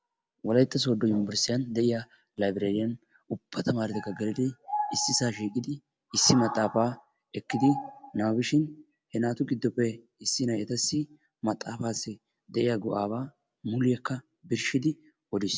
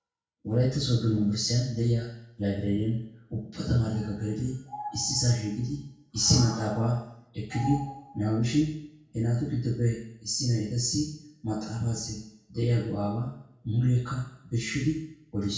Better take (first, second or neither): first